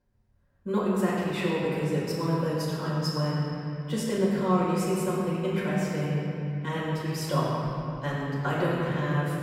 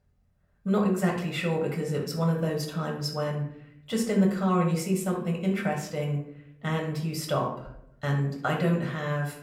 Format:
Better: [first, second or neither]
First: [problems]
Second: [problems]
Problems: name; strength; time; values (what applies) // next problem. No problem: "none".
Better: second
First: room echo; strong; dies away in 3 s // off-mic speech; far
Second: room echo; slight; dies away in 0.5 s // off-mic speech; somewhat distant